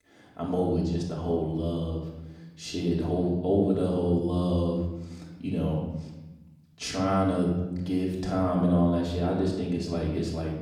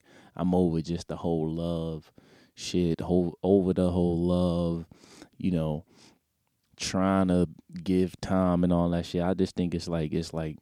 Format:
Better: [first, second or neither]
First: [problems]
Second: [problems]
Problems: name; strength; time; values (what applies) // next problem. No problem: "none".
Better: second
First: off-mic speech; far // room echo; noticeable; dies away in 1 s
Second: none